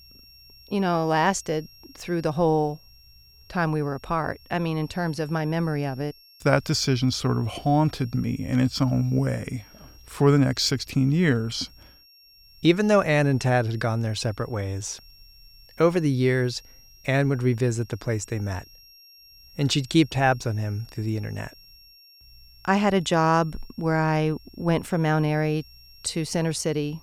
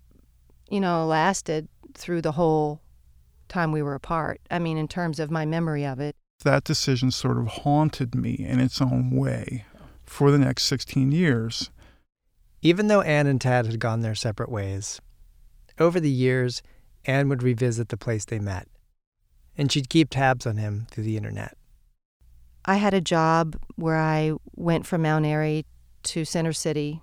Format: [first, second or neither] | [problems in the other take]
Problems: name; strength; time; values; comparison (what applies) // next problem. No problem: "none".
second | high-pitched whine; faint; throughout; 5.5 kHz, 25 dB below the speech